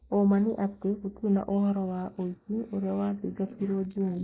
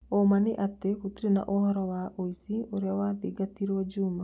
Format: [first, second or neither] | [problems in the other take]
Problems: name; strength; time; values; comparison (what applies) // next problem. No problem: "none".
second | noise reduction (neural mask model Resemble Enhance denoiser)